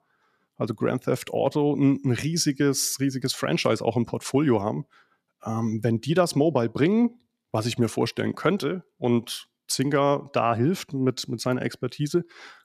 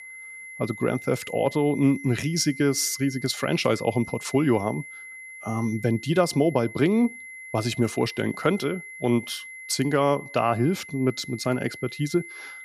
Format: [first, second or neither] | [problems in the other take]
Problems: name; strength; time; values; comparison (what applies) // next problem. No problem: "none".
first | high-pitched whine; noticeable; throughout; 2 kHz, 15 dB below the speech